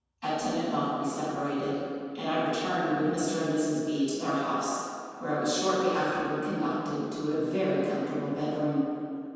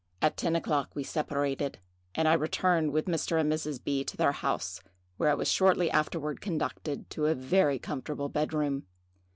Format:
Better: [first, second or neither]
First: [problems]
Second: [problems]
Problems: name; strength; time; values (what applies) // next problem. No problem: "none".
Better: second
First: room echo; dies away in 2.1 s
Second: none